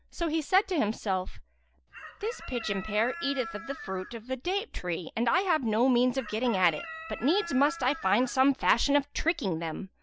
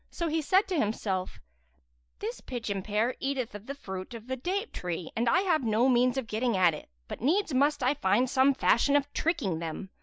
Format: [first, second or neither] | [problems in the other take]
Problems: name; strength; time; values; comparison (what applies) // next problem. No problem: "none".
second | background sound (Chicken, rooster); 13 dB below the speech